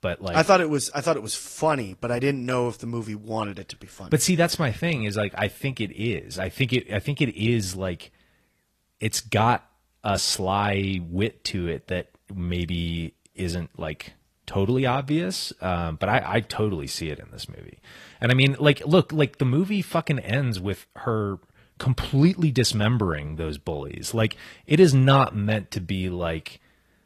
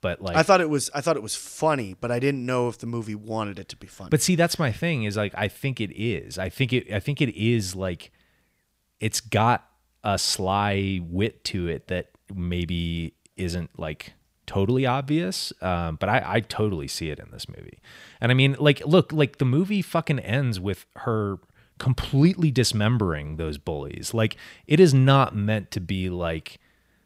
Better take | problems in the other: second | garbled, watery; slightly; nothing above 12.5 kHz

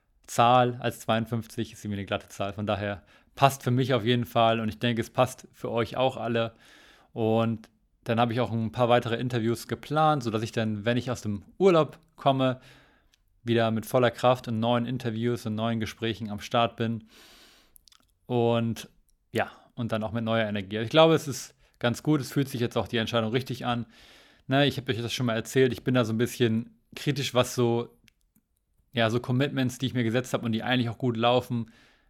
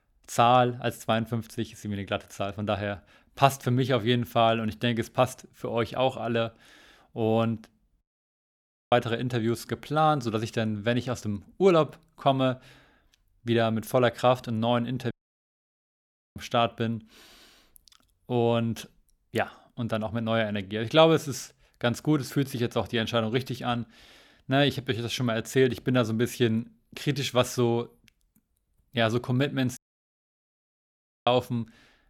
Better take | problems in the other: first | audio cutting out; at 8 s for 1 s, at 15 s for 1.5 s and at 30 s for 1.5 s

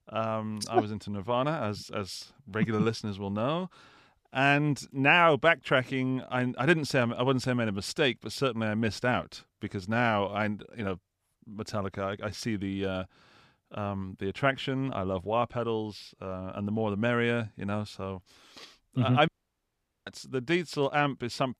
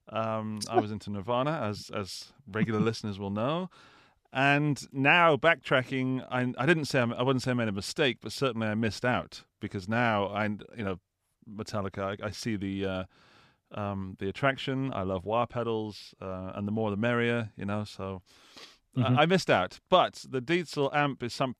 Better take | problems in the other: second | audio cutting out; at 19 s for 1 s

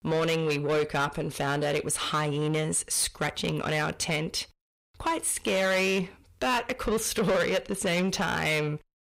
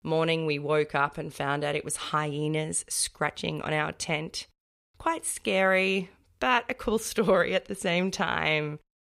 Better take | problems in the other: second | distortion; heavy; 7 dB below the speech

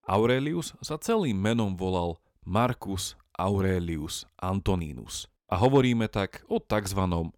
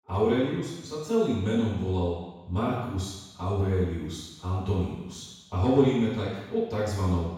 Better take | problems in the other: first | room echo; strong; dies away in 1.1 s // off-mic speech; far

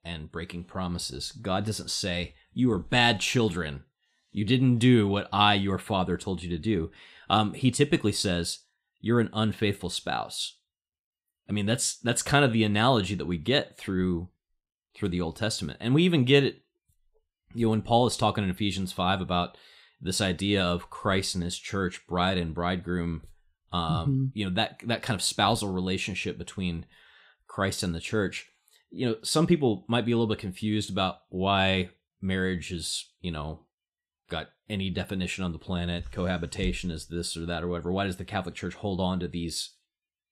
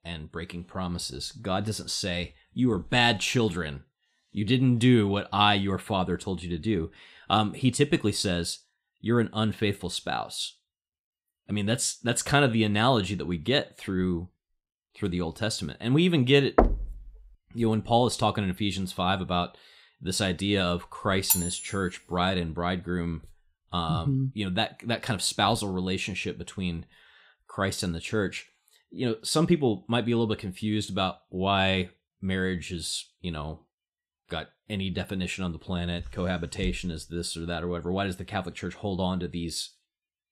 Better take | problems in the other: first | door banging; loud; at 17 s; peak 3 dB above the speech // clattering dishes; loud; at 21 s; peak 3 dB above the speech

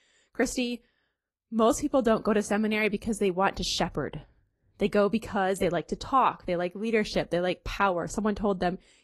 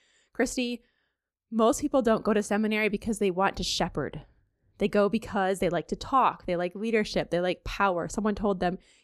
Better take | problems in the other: second | garbled, watery; slightly; nothing above 12 kHz

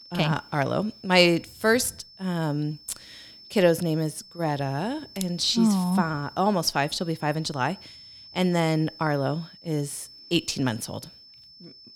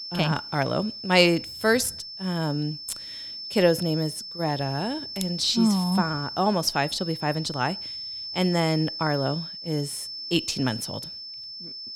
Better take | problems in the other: first | high-pitched whine; loud; throughout; 5.5 kHz, 8 dB below the speech; faint in the first

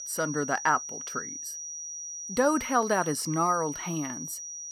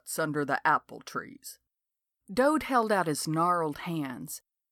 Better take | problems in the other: second | high-pitched whine; loud; throughout; 6 kHz, 7 dB below the speech

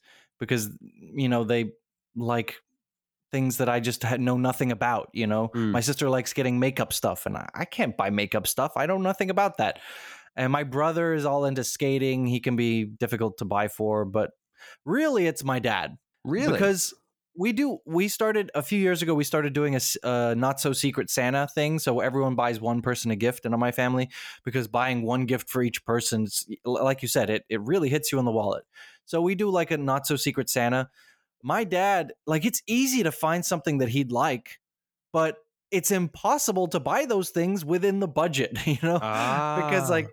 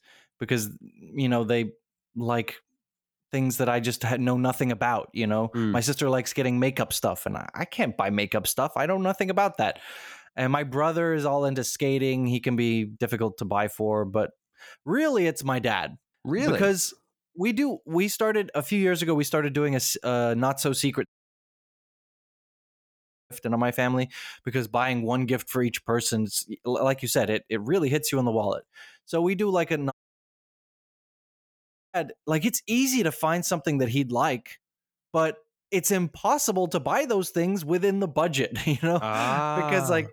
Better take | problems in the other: first | audio cutting out; at 21 s for 2 s and at 30 s for 2 s

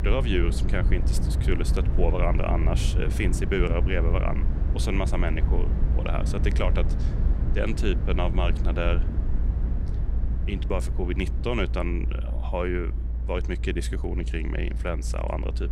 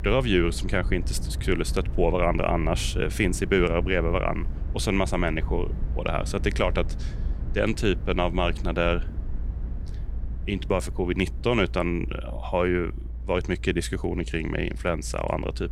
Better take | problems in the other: second | low rumble; loud; throughout; 10 dB below the speech; faint in the second

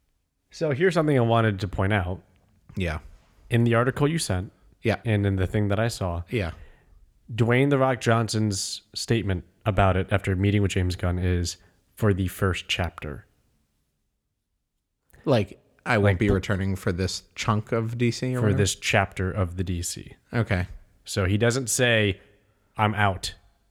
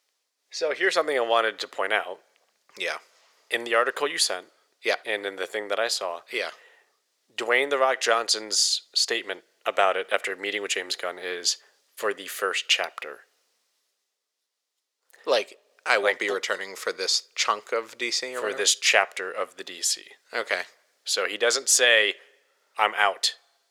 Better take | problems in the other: first | thin; very; fading below 450 Hz

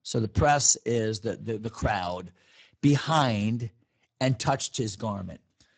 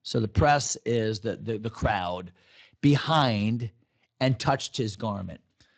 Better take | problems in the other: second | garbled, watery; badly; nothing above 7.5 kHz; slightly in the second

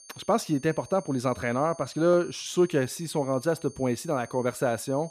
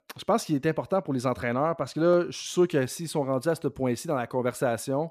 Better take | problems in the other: second | high-pitched whine; faint; throughout; 6.5 kHz, 20 dB below the speech

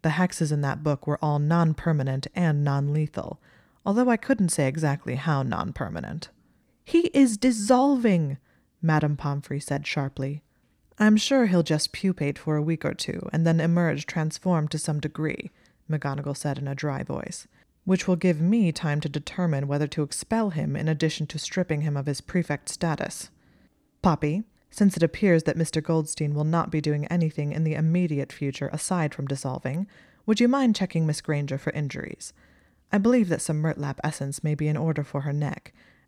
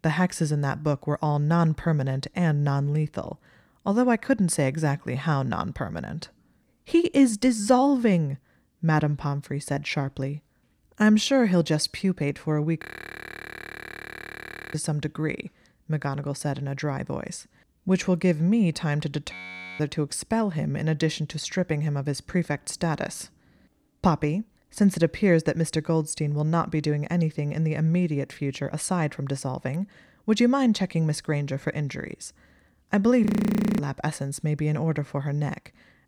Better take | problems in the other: first | audio freezing; at 13 s for 2 s, at 19 s and at 33 s for 0.5 s

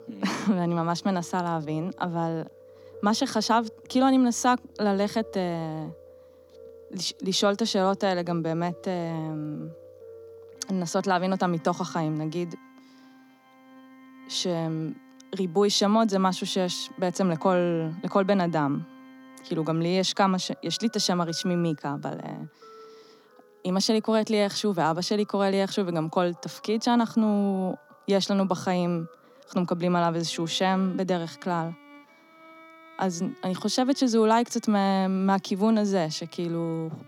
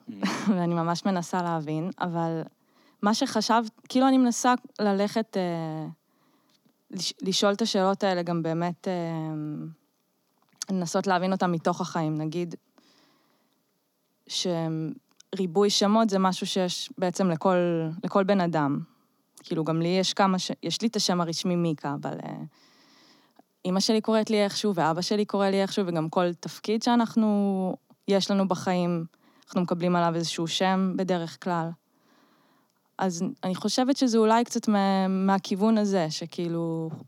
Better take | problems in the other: second | background music; faint; throughout; 25 dB below the speech

